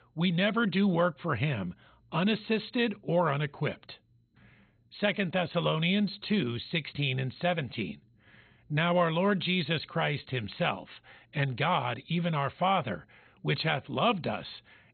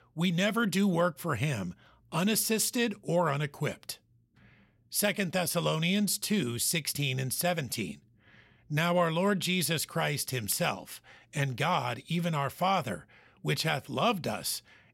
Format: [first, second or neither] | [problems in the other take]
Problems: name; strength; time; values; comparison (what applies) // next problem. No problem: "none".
second | garbled, watery; badly; nothing above 4 kHz